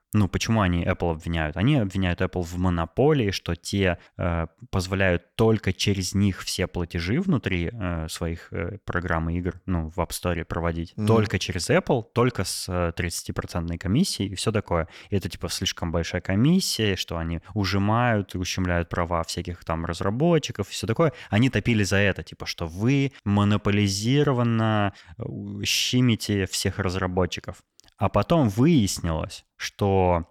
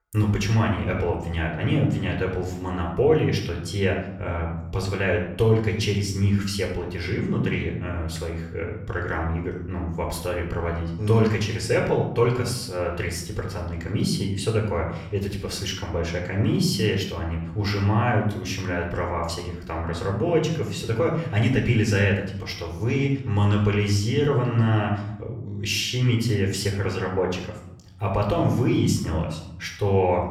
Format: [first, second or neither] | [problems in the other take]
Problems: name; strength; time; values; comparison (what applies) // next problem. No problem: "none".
first | off-mic speech; far // room echo; noticeable; dies away in 0.7 s